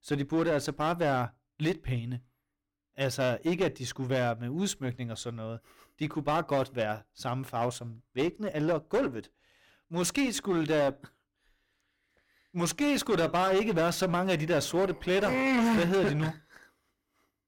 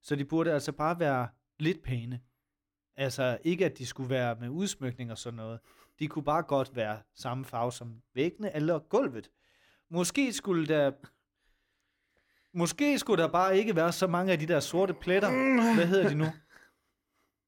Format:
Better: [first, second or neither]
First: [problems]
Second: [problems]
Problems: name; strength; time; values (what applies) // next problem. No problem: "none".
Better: second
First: distortion; slight; 10% of the sound clipped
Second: none